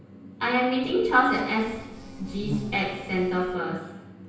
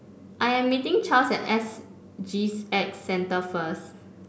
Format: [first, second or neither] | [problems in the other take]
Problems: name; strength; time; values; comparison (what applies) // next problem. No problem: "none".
second | background sound (Insect); 12 dB below the speech // room echo; dies away in 0.9 s